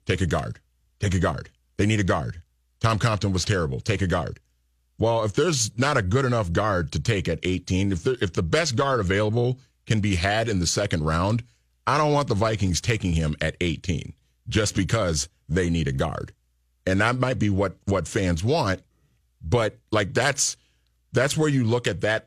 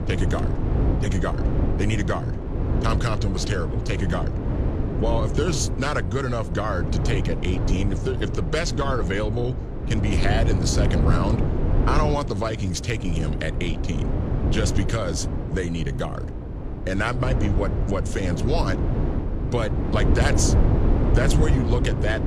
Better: first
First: none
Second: wind noise on the microphone; heavy; 5 dB below the speech

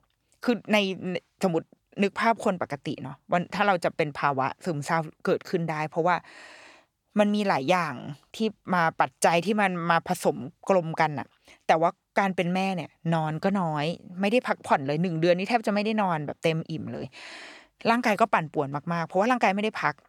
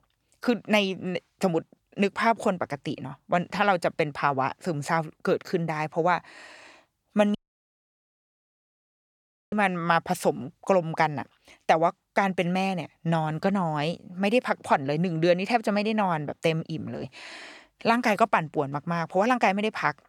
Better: first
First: none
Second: audio cutting out; at 7.5 s for 2 s

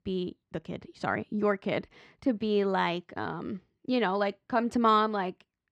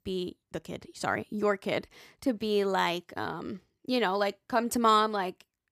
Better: second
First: muffled; very slightly; fading above 3.5 kHz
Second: none

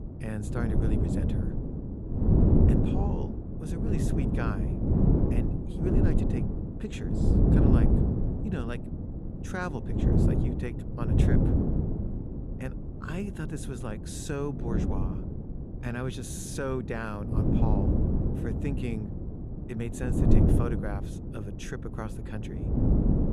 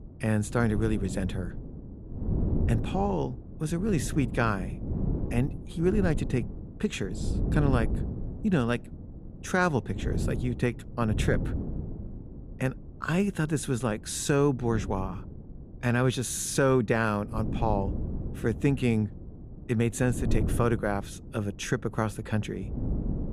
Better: second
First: wind noise on the microphone; heavy; 3 dB above the speech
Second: wind noise on the microphone; occasional gusts; 10 dB below the speech

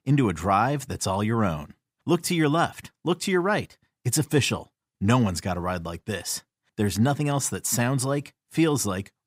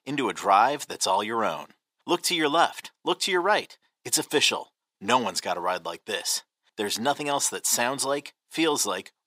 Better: first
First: none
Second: thin; somewhat; fading below 450 Hz

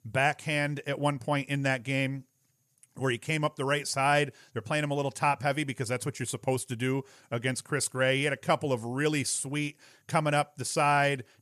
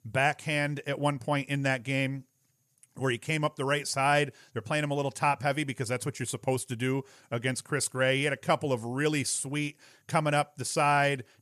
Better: neither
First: none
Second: none

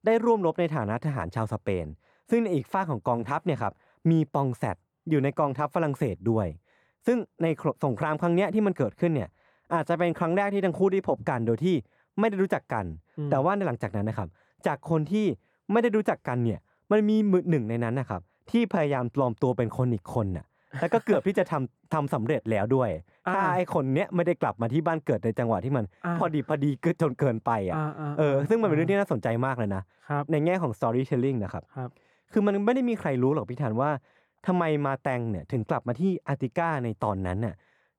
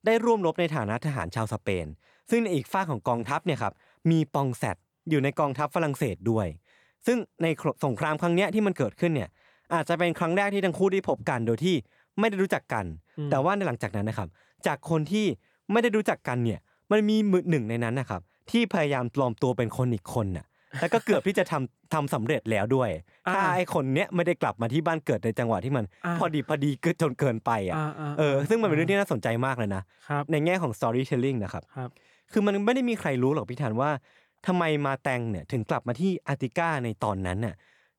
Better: second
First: muffled; slightly; fading above 2 kHz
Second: none

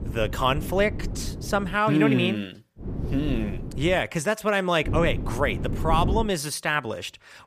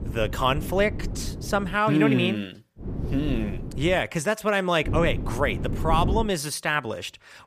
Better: neither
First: wind noise on the microphone; occasional gusts; until 2 s, from 3 to 4 s and from 5 to 6.5 s; 15 dB below the speech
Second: wind noise on the microphone; occasional gusts; until 2 s, from 3 to 4 s and from 5 to 6.5 s; 15 dB below the speech

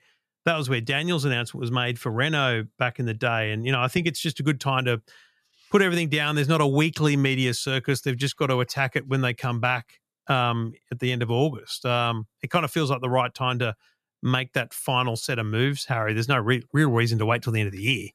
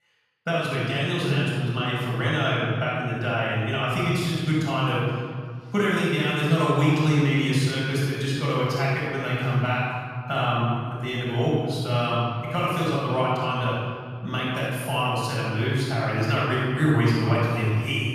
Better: first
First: none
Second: off-mic speech; far // room echo; strong; dies away in 1.9 s

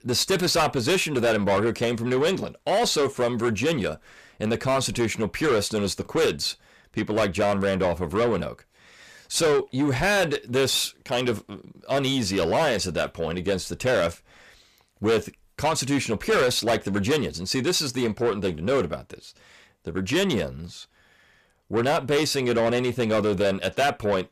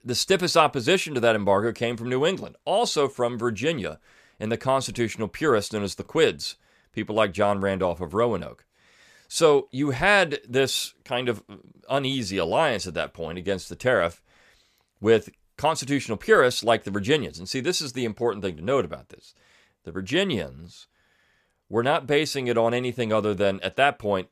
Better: second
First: distortion; heavy; 7 dB below the speech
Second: none

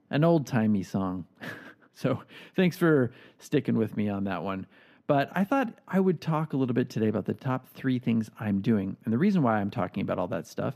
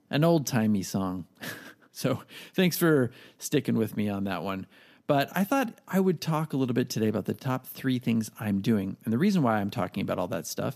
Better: second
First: muffled; slightly; fading above 4 kHz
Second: none

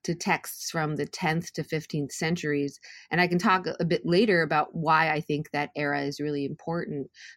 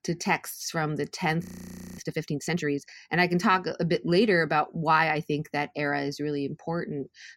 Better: first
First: none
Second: audio freezing; at 1.5 s for 0.5 s

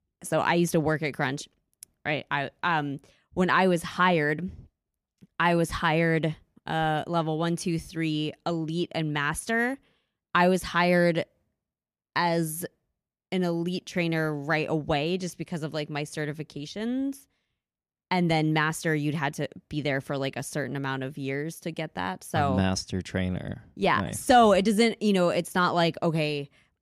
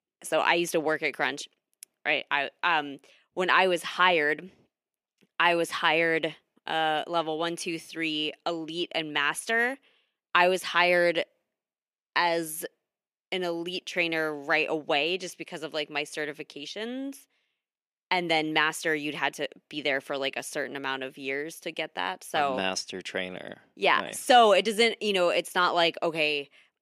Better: first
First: none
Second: thin; somewhat; fading below 400 Hz

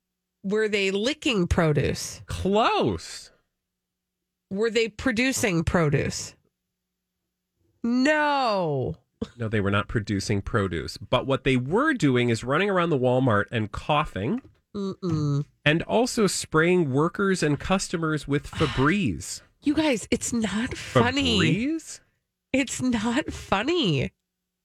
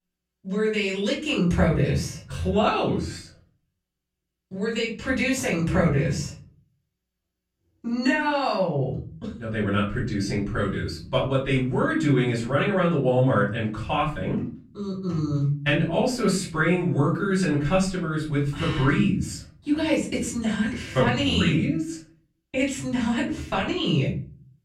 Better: first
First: none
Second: off-mic speech; far // room echo; slight; dies away in 0.5 s

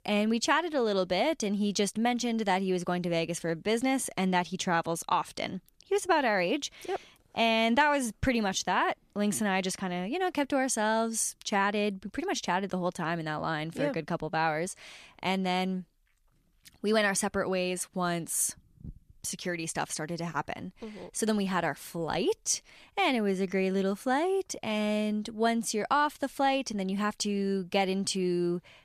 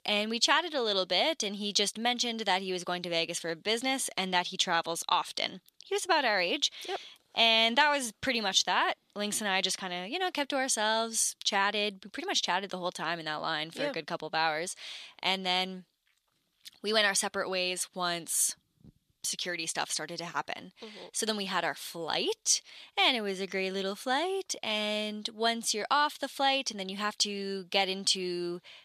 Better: first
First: none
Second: thin; very slightly; fading below 1 kHz

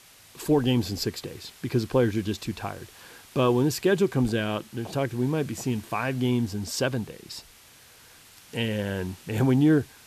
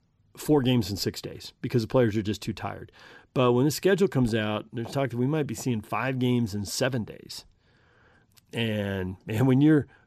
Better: second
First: hiss; faint; throughout; 25 dB below the speech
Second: none

